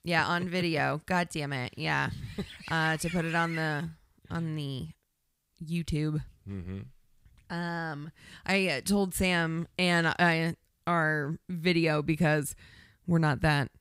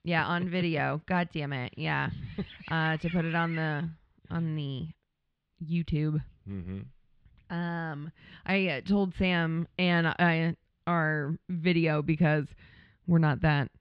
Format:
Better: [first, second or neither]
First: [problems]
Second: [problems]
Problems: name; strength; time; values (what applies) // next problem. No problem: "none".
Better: first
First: none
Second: muffled; slightly; fading above 3.5 kHz